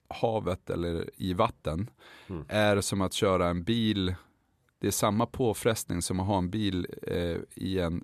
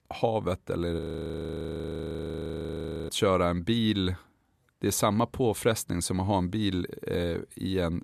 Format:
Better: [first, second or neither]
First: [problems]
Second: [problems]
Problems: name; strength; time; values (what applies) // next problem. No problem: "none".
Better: first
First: none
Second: audio freezing; at 1 s for 2 s